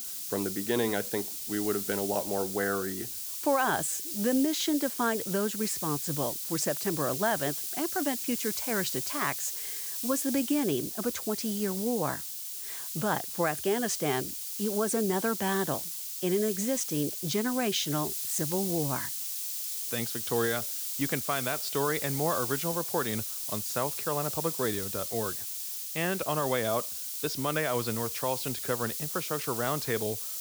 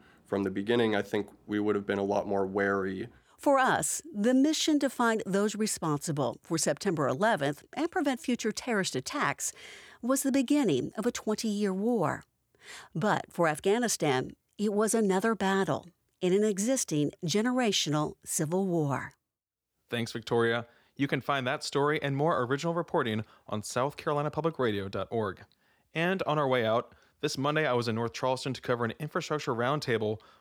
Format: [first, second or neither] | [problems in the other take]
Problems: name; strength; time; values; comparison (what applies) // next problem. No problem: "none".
second | hiss; loud; throughout; 2 dB below the speech